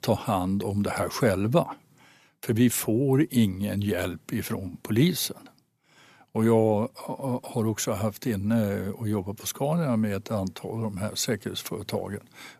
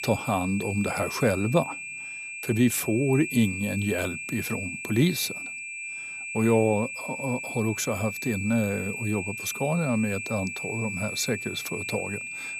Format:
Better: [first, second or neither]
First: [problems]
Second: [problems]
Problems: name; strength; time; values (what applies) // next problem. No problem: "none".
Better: first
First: none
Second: high-pitched whine; loud; throughout; 2.5 kHz, 6 dB below the speech